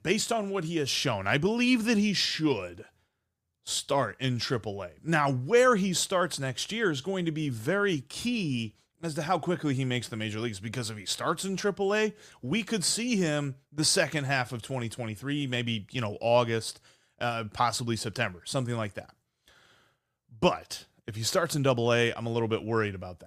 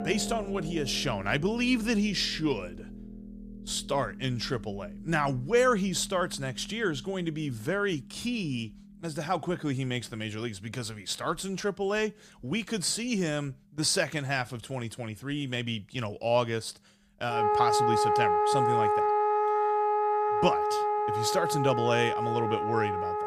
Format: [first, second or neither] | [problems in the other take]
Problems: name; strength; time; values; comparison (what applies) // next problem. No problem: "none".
first | background music; very loud; throughout; 2 dB above the speech